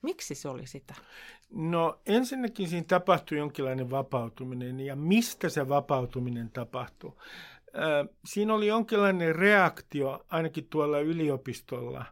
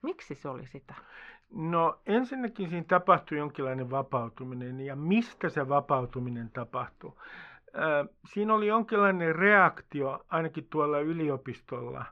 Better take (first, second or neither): first